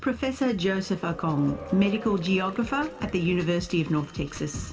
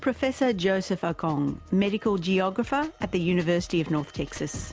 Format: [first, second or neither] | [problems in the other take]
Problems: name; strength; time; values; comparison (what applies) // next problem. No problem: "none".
second | background sound (Applause / Crowd / Cheering); 16 dB below the speech // room echo; dies away in 1.8 s